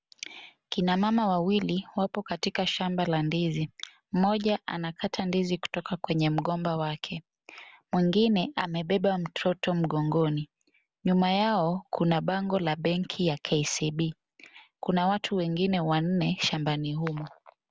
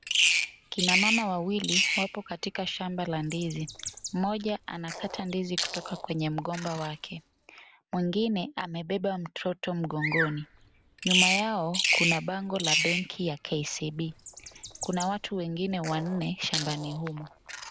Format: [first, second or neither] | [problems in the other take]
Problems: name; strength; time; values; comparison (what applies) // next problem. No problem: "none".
first | background sound (Bird vocalization, bird call, bird song); 1 dB below the speech